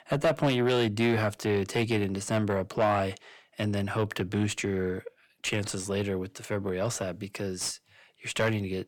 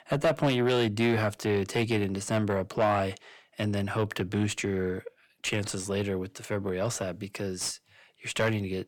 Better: neither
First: distortion; heavy; 7 dB below the speech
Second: distortion; heavy; 7 dB below the speech

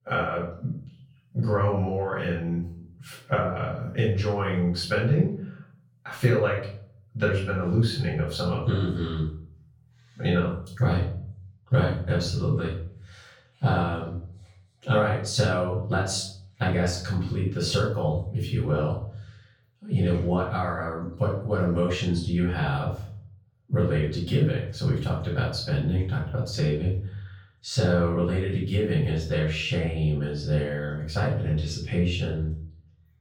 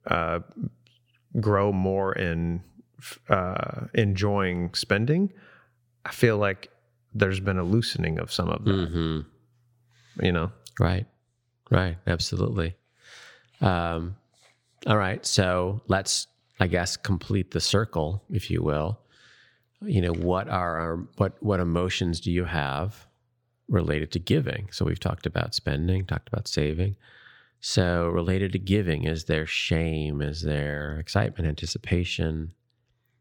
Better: second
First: off-mic speech; far // room echo; noticeable; dies away in 0.5 s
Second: none

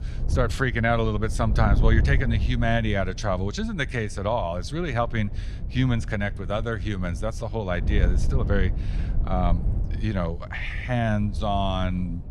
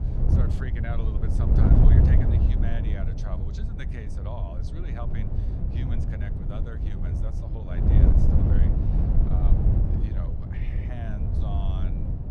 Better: first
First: wind noise on the microphone; occasional gusts; 15 dB below the speech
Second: wind noise on the microphone; heavy; 5 dB above the speech

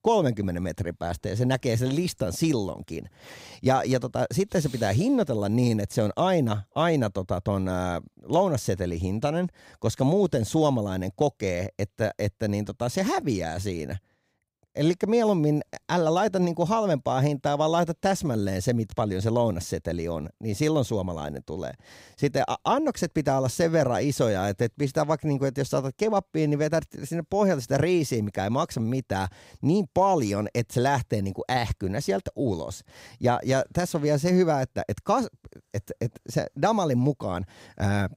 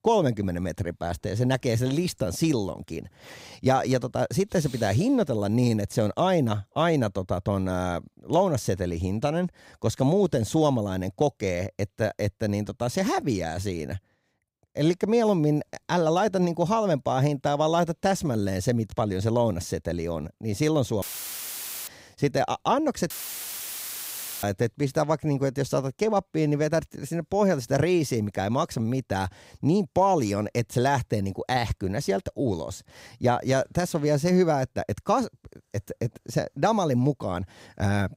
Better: first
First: none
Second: audio cutting out; filled with static; at 21 s for 1 s and at 23 s for 1.5 s

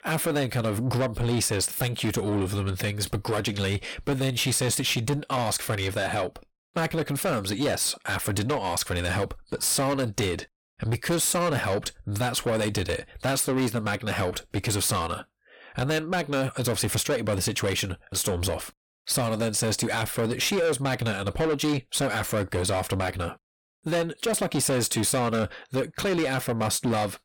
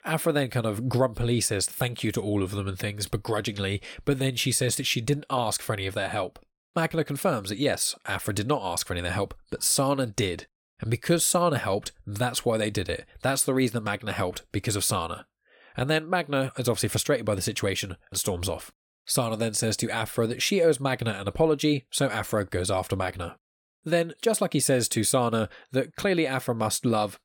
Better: second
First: distortion; heavy; 8 dB below the speech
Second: none

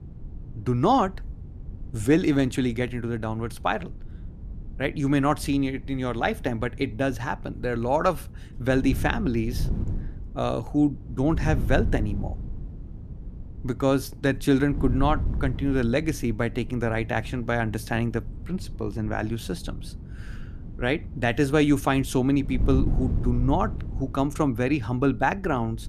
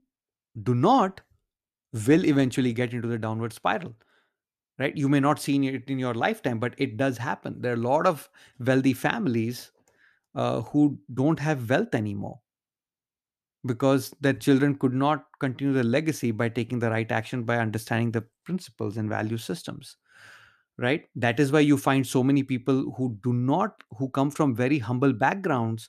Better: second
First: wind noise on the microphone; occasional gusts; 20 dB below the speech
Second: none

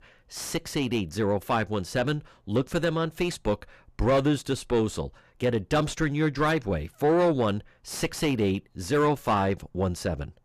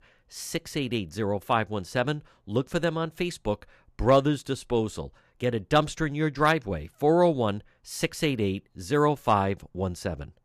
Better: second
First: distortion; heavy; 7 dB below the speech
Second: none

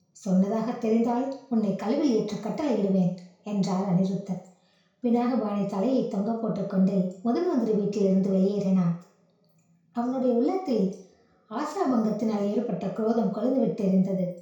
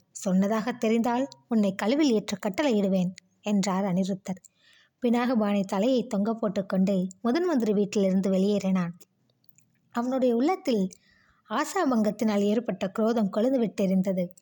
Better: second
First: room echo; noticeable; dies away in 0.6 s // off-mic speech; far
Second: none

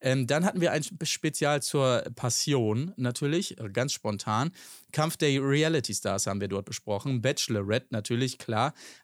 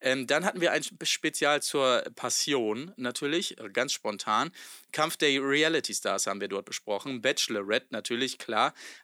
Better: first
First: none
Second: thin; somewhat; fading below 250 Hz

